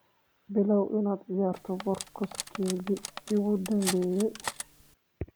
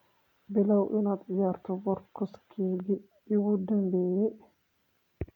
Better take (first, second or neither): second